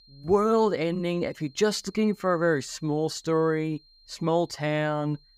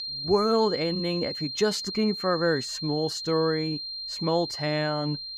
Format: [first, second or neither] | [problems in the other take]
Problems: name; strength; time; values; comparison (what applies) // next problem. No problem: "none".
first | high-pitched whine; loud; throughout; 4 kHz, 6 dB below the speech; faint in the first